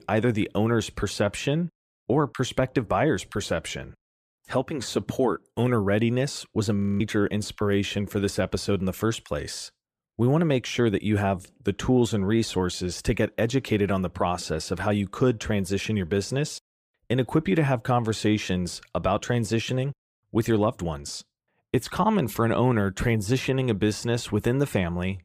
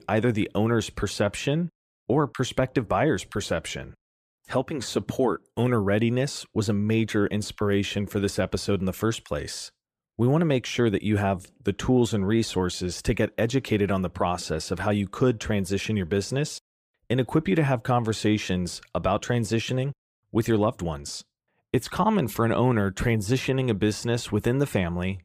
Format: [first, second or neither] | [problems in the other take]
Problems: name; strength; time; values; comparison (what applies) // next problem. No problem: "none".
second | audio freezing; at 7 s